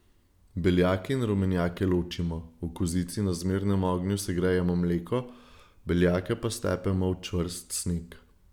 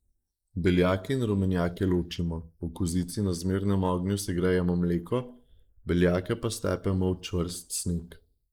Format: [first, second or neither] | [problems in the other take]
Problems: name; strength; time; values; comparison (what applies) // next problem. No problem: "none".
first | noise reduction (neural mask model Resemble Enhance denoiser)